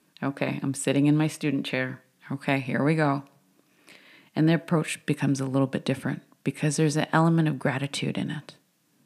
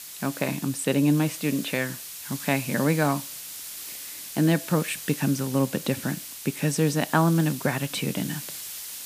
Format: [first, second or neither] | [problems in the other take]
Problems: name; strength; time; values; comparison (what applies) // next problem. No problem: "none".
first | hiss; loud; throughout; 10 dB below the speech